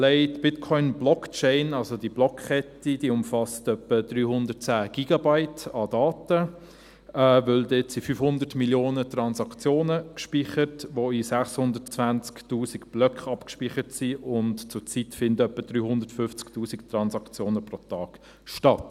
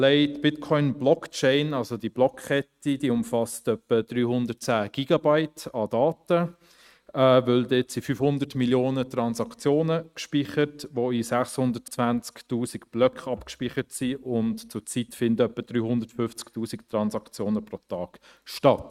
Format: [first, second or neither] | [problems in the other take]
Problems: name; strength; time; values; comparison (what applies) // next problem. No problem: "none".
first | noise reduction (neural mask model RNNoise)